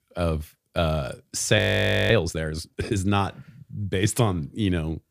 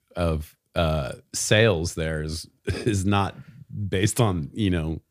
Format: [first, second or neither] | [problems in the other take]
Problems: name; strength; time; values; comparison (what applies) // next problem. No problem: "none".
second | audio freezing; at 1.5 s for 0.5 s